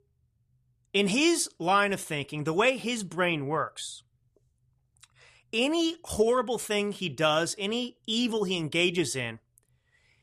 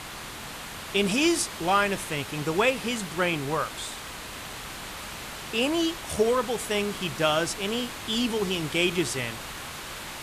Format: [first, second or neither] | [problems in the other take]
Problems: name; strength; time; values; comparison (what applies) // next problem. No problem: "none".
first | hiss; loud; throughout; 10 dB below the speech